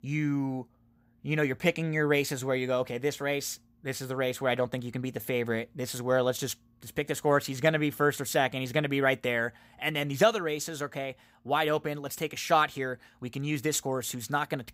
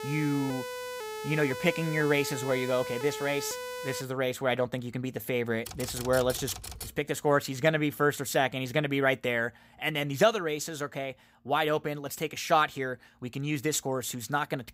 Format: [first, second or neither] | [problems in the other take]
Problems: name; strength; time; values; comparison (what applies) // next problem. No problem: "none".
first | siren; noticeable; until 4 s; peak 8 dB below the speech // keyboard typing; noticeable; from 5.5 to 7 s; peak 8 dB below the speech